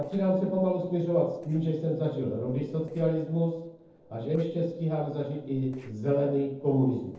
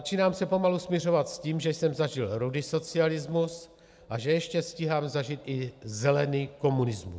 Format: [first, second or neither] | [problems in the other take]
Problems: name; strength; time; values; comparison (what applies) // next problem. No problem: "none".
second | noise reduction (neural separator model SepFormer DNS4)